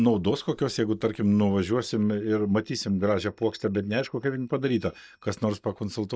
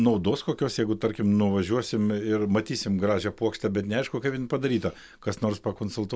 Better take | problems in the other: second | noise reduction (neural mask model DeepFilterNet 3)

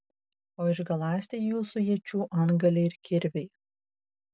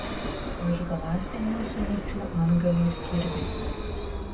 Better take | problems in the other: first | background sound (Vehicle); 4 dB below the speech // room echo; dies away in 0.2 s

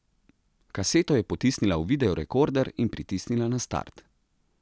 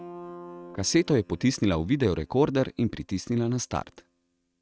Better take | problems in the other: first | noise reduction (neural mask model RNNoise)

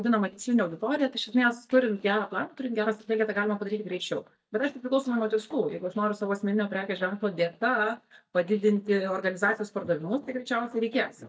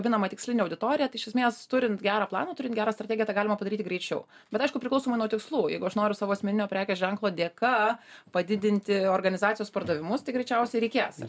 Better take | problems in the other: second | noise reduction (neural mask model DeepFilterNet 3)

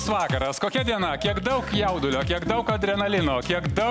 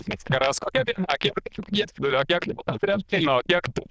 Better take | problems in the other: first | noise reduction (neural diffusion model UNIVERSE++)

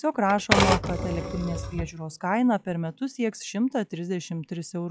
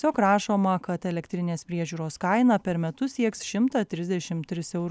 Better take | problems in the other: second | noise reduction (classical method log-MMSE)

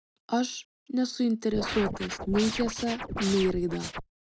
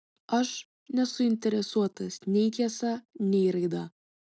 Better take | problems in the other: second | background sound (Scratching (performance technique)); 6 dB below the speech

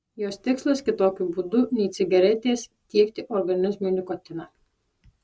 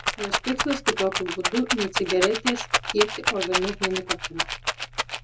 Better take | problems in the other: first | background sound (Rattle); as loud as the speech

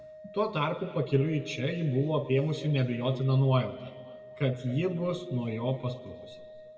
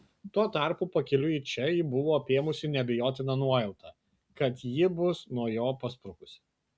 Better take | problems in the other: second | background sound (Organ); 18 dB below the speech // room echo; dies away in 1.5 s

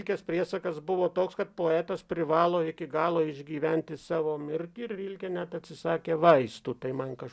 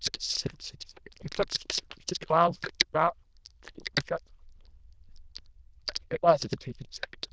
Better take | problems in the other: first | noise reduction (neural diffusion model UNIVERSE++)

